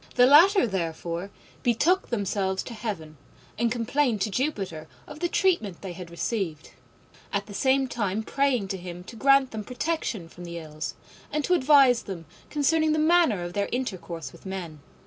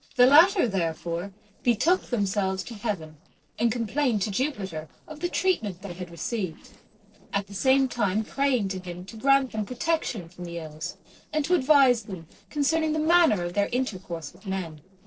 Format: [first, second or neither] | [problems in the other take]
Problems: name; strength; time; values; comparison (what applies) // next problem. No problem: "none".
first | noise reduction (neural separator model SepFormer DNS4)